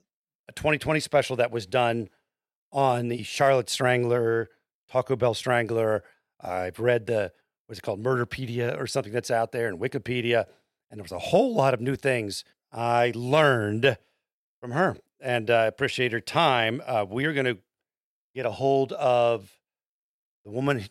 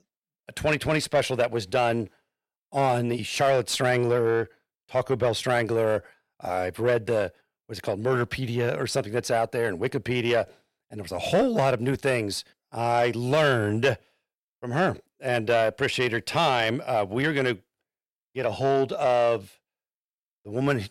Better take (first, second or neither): first